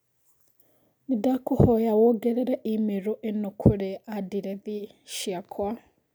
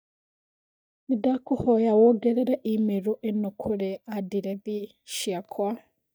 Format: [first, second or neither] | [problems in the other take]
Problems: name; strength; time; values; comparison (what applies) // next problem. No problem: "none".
first | noise reduction (neural mask model DeepFilterNet 3)